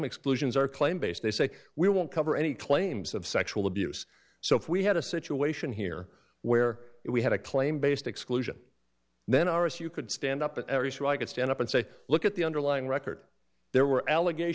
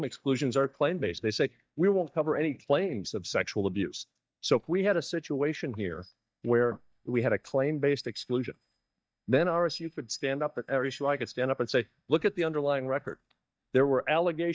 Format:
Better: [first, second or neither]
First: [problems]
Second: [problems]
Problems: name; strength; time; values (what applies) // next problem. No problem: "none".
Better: first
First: none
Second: noise reduction (neural mask model DeepFilterNet 3)